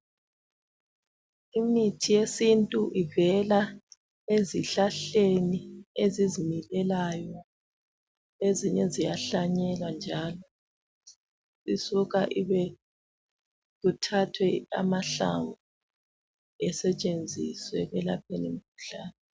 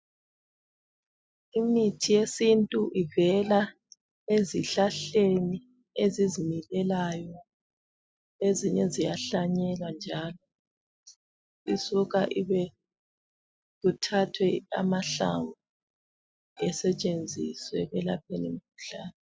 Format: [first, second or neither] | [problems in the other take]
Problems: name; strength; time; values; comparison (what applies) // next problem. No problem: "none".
first | noise reduction (classical method spectral subtraction)